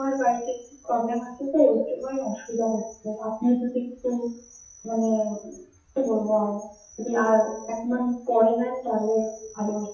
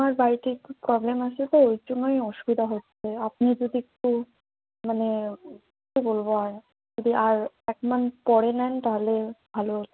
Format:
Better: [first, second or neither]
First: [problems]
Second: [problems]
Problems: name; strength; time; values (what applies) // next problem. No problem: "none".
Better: second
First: noise reduction (classical method WPE with log-MMSE)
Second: none